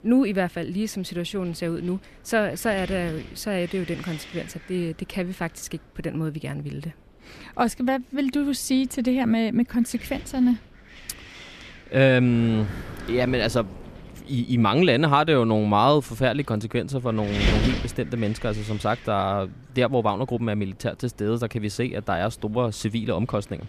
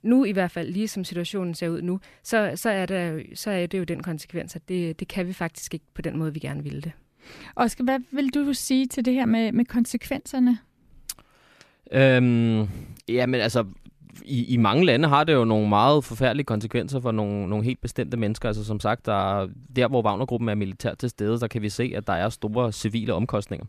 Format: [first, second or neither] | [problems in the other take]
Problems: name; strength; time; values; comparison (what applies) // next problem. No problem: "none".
second | wind noise on the microphone; occasional gusts; 10 dB below the speech